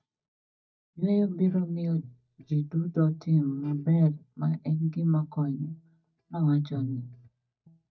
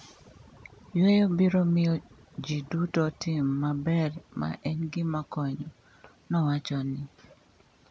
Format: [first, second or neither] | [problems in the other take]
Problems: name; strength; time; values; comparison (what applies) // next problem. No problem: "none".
second | noise reduction (neural mask model DeepFilterNet 3)